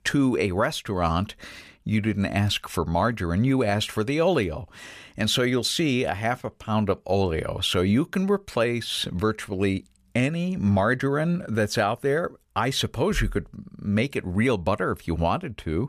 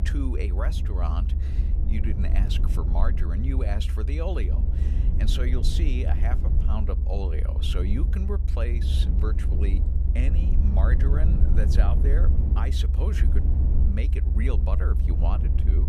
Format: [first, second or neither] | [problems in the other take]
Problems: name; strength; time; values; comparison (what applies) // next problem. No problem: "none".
first | low rumble; loud; throughout; 5 dB below the speech